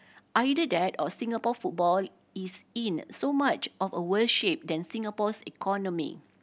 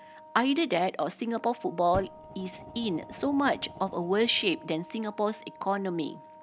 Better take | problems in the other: first | background sound (Fire + Wind instrument, woodwind instrument); 17 dB below the speech

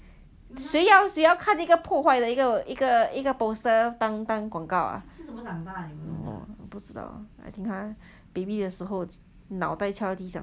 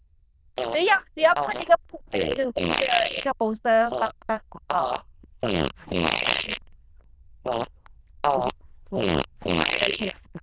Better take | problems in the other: first | noise reduction (neural diffusion model UNIVERSE++)

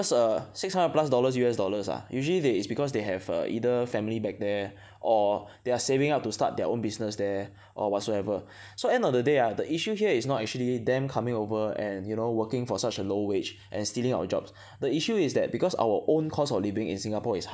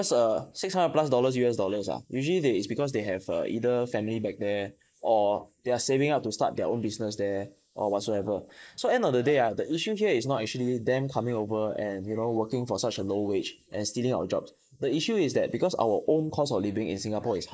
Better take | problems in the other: first | noise reduction (neural mask model Resemble Enhance denoiser)

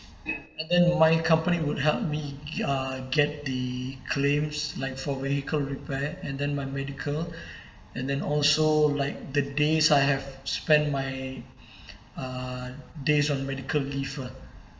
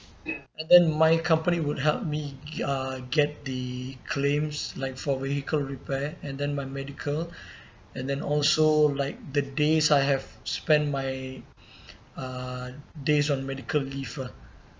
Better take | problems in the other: second | room echo; dies away in 1 s

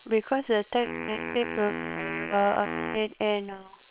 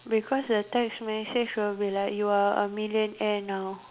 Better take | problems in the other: second | noise reduction (neural separator model SepFormer WHAM!)

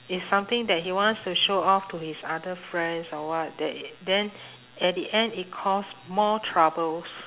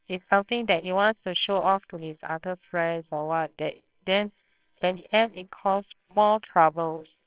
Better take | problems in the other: first | noise reduction (neural separator model SepFormer WHAMR!)

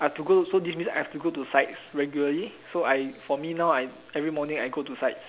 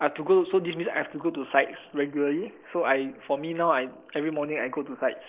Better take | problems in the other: first | noise reduction (neural mask model Resemble Enhance denoiser)

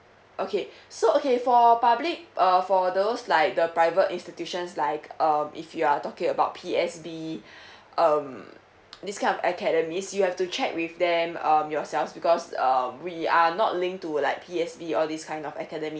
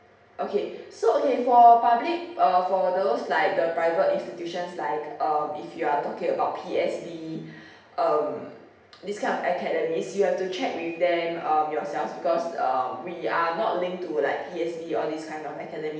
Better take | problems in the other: first | room echo; dies away in 0.8 s

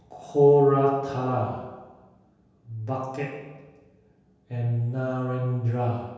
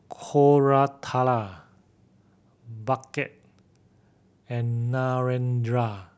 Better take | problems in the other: second | room echo; dies away in 1.2 s

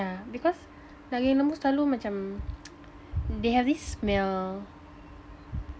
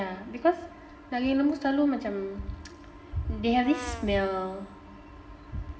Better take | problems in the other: first | background sound (Brass instrument); 12 dB below the speech // room echo; dies away in 1.1 s

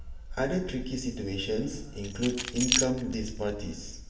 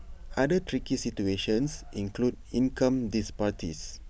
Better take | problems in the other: second | background sound (Keys jangling); 4 dB below the speech // room echo; dies away in 0.9 s

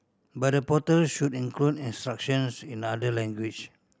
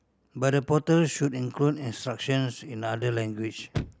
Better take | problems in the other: first | background sound (Chirp, tweet / Slam / Car); 16 dB below the speech

